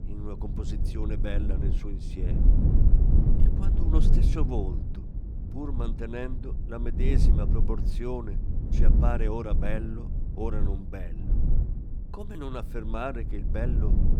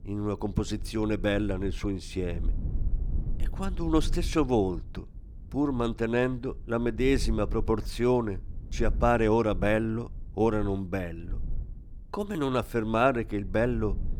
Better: second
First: low rumble; loud; throughout; 4 dB below the speech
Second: low rumble; faint; throughout; 25 dB below the speech

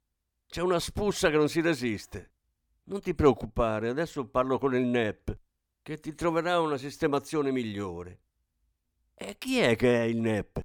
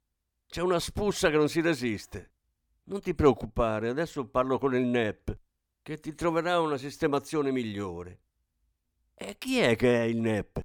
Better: neither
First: none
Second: none

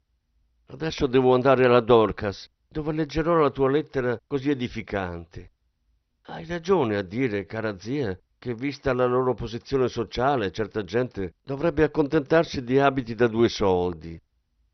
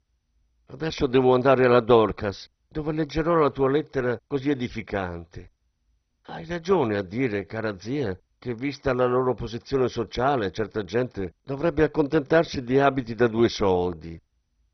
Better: first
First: garbled, watery; slightly; nothing above 6 kHz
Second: garbled, watery; badly; nothing above 6 kHz

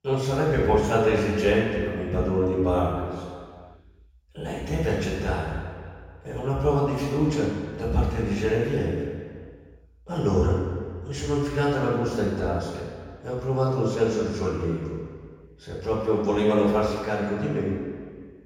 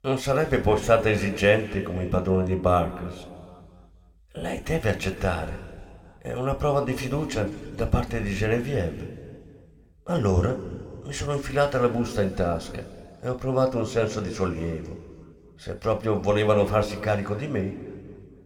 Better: second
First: room echo; strong; dies away in 1.6 s // off-mic speech; far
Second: room echo; slight; dies away in 1.9 s

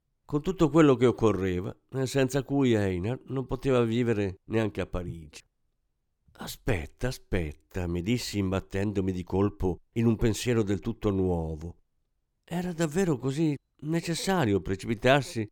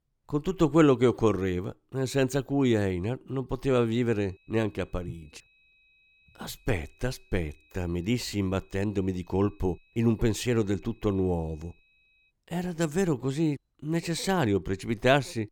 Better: first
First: none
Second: high-pitched whine; faint; from 3.5 to 12 s; 2.5 kHz, 35 dB below the speech

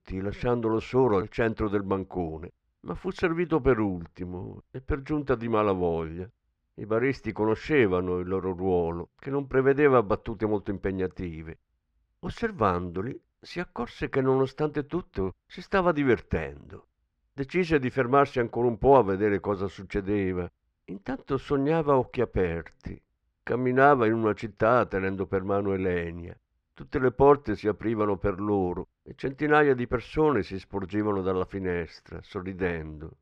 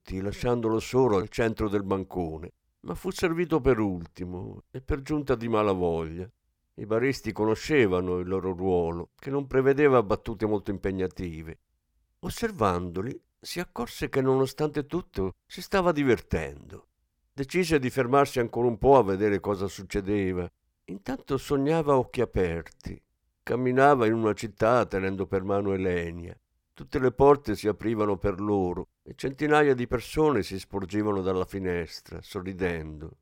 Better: second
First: muffled; slightly; fading above 3.5 kHz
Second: none

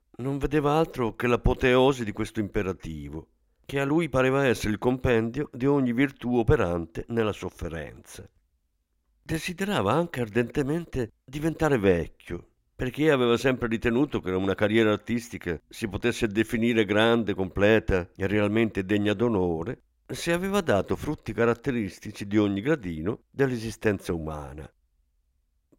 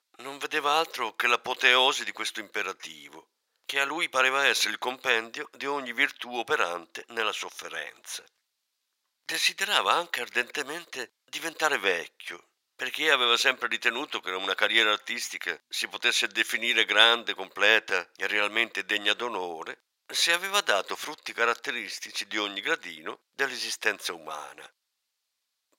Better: first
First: none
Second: thin; very; fading below 1 kHz

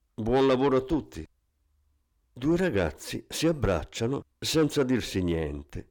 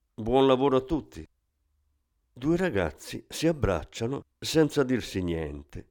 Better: second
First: distortion; slight; 10 dB below the speech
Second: none

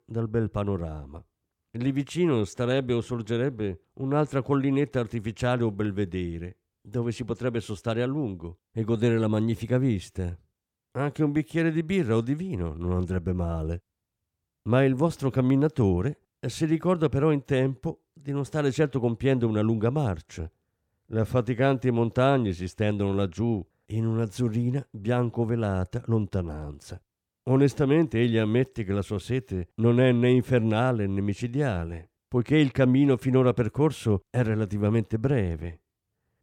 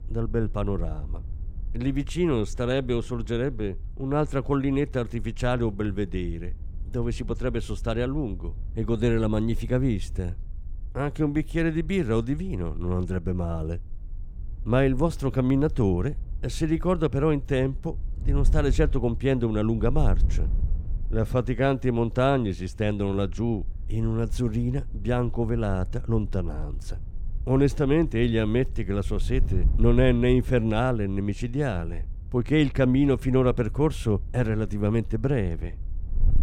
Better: first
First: none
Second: wind noise on the microphone; occasional gusts; 25 dB below the speech

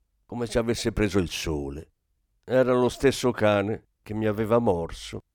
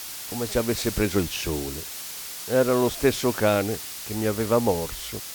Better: first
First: none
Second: hiss; loud; throughout; 8 dB below the speech

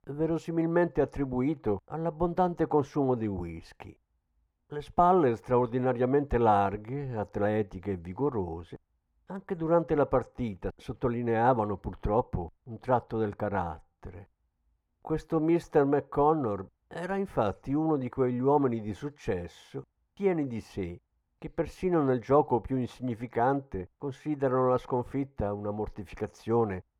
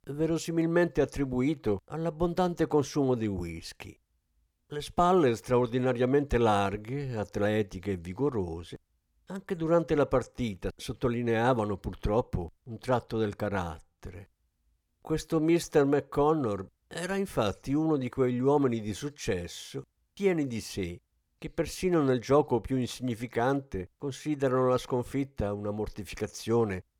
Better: second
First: muffled; very; fading above 2.5 kHz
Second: none

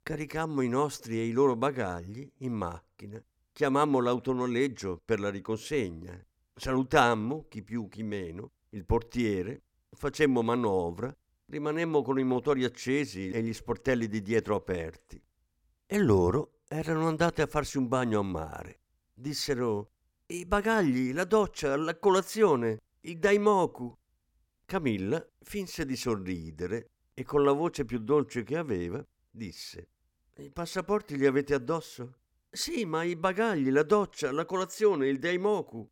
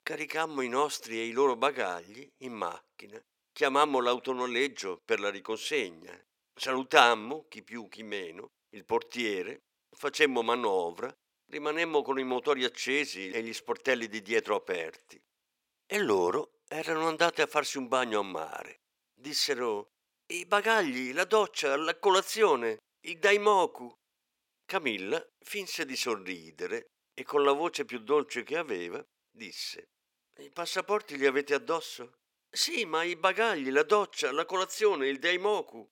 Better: first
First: none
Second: thin; somewhat; fading below 450 Hz

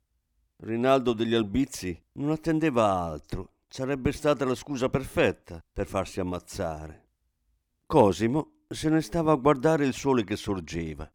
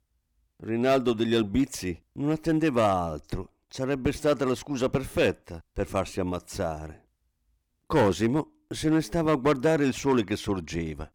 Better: first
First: none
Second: distortion; slight; 3% of the sound clipped

